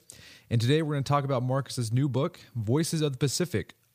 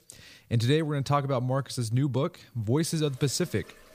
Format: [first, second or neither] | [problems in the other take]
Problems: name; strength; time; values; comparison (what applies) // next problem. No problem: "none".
first | household noises; faint; throughout; 25 dB below the speech